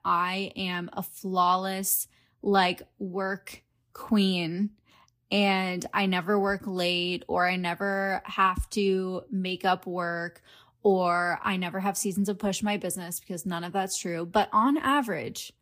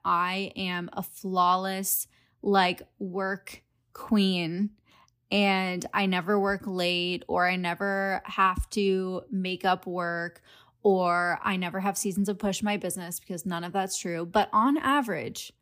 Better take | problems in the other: second | garbled, watery; slightly; nothing above 15 kHz

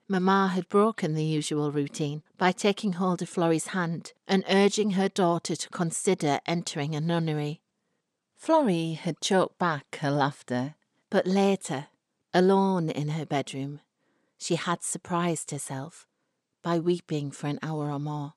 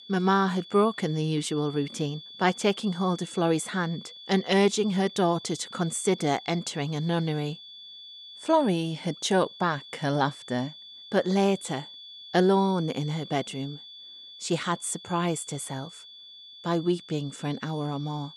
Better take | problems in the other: first | high-pitched whine; noticeable; throughout; 3.5 kHz, 15 dB below the speech

